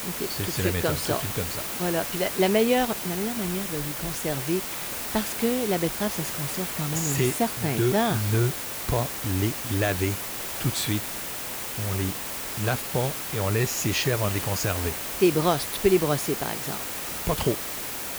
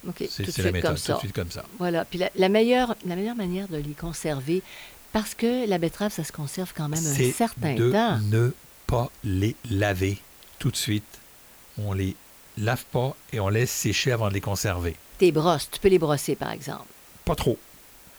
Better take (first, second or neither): second